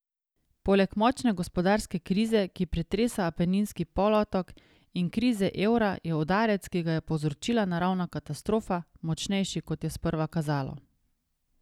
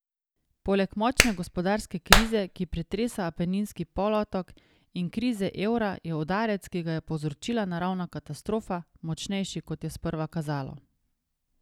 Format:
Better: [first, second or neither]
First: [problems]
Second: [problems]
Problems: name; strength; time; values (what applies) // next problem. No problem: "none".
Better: first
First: none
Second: background sound (Clapping); 4 dB above the speech